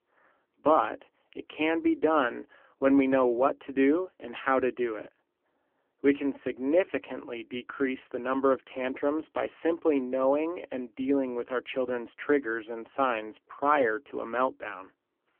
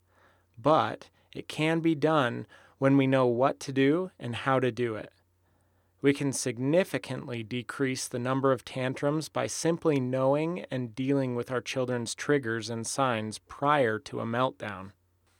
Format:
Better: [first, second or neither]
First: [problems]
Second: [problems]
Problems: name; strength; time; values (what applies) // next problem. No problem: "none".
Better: second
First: phone-call audio; poor line; nothing above 3 kHz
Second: none